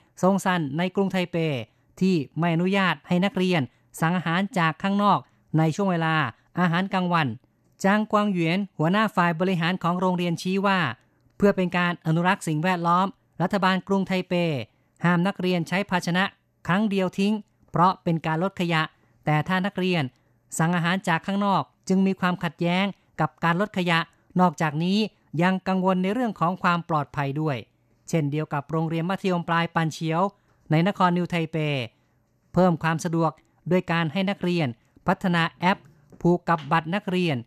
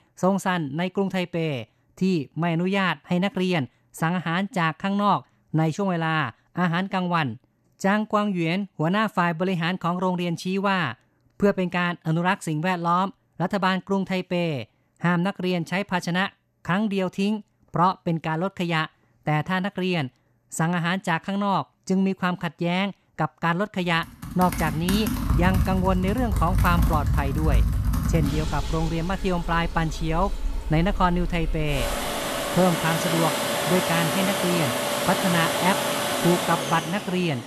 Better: first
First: none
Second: household noises; loud; from 24 s on; 1 dB below the speech

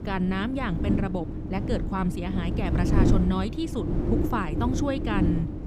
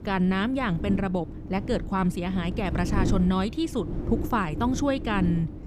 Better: second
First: wind noise on the microphone; heavy; 3 dB below the speech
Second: wind noise on the microphone; occasional gusts; 10 dB below the speech

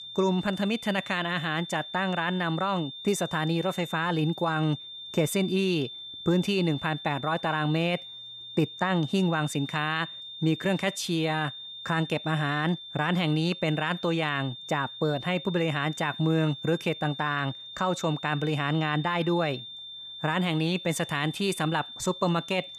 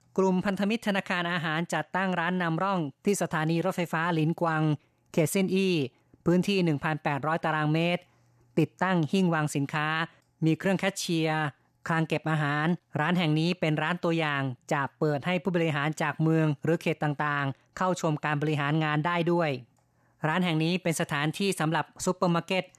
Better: second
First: high-pitched whine; noticeable; throughout; 3.5 kHz, 10 dB below the speech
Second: none

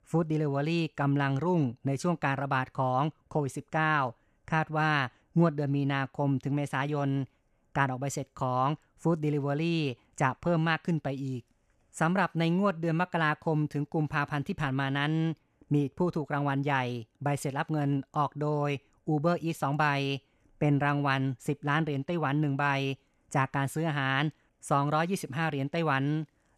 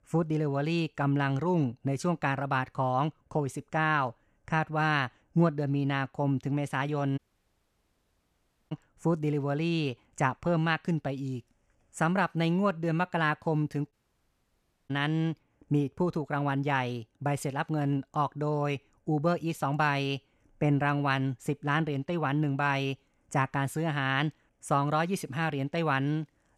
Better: first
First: none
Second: audio cutting out; at 7 s for 1.5 s and at 14 s for 1 s

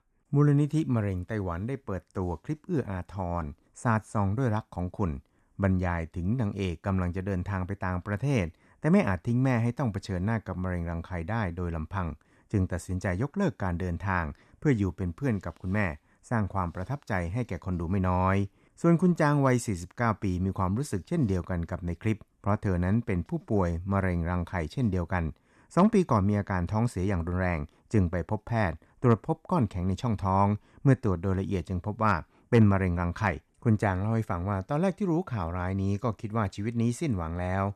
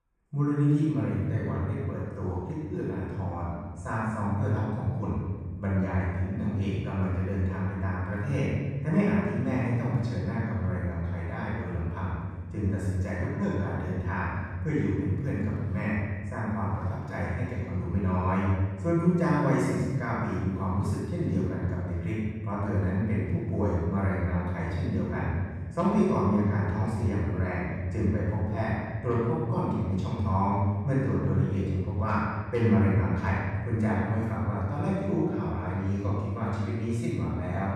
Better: first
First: none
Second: room echo; strong; dies away in 1.7 s // off-mic speech; far

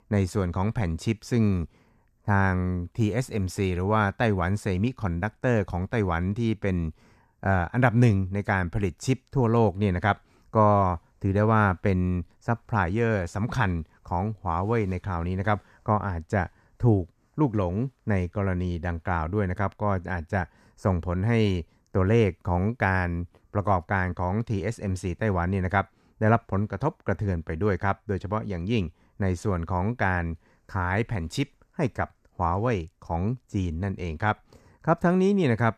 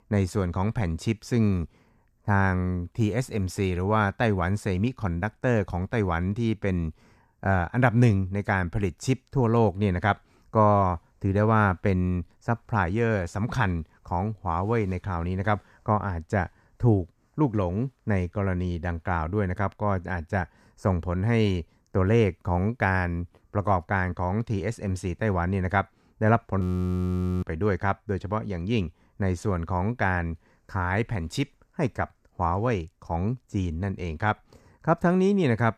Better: first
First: none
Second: audio freezing; at 27 s for 1 s

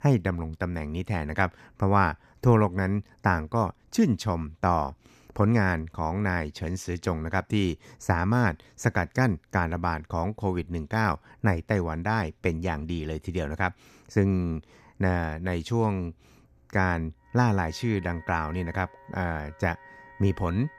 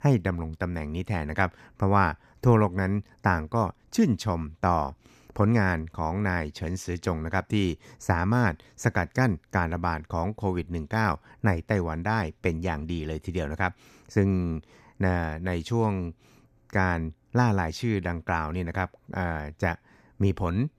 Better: second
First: background music; faint; throughout; 25 dB below the speech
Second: none

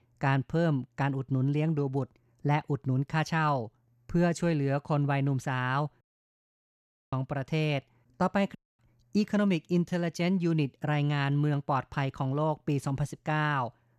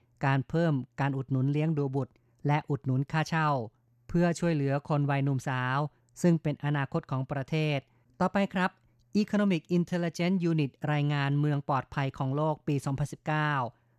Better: second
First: audio cutting out; at 6 s for 1 s and at 8.5 s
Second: none

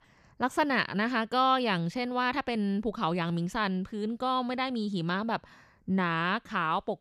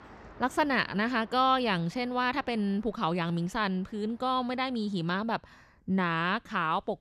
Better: first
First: none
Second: traffic noise; faint; throughout; 25 dB below the speech

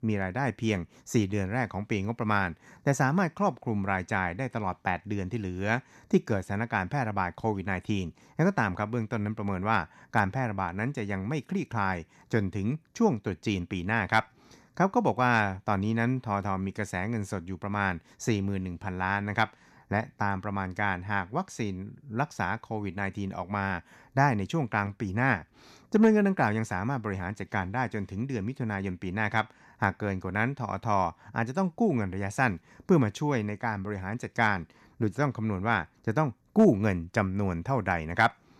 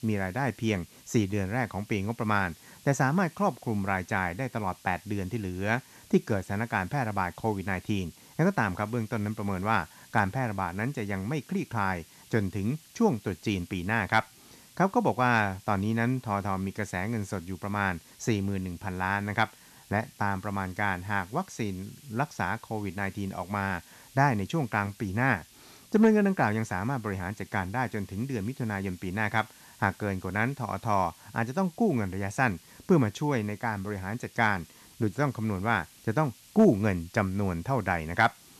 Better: first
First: none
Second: hiss; faint; throughout; 25 dB below the speech

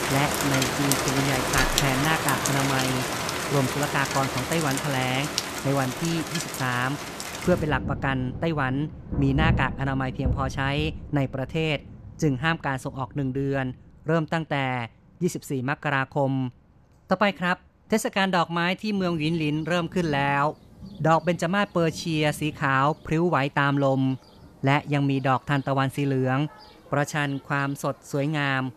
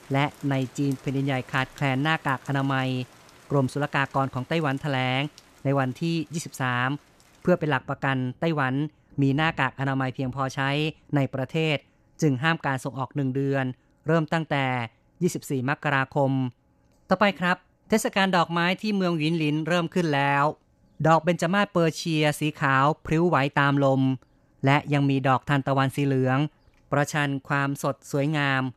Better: second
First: rain or running water; loud; throughout; 2 dB below the speech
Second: rain or running water; faint; throughout; 25 dB below the speech

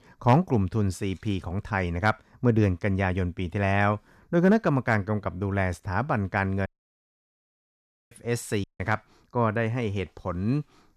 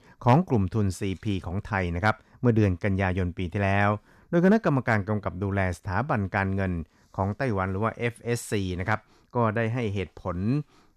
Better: second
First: audio cutting out; at 6.5 s for 1.5 s and at 8.5 s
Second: none

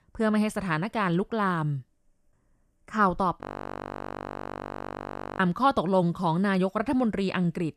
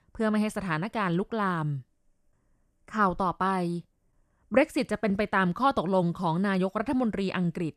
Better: second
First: audio freezing; at 3.5 s for 2 s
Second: none

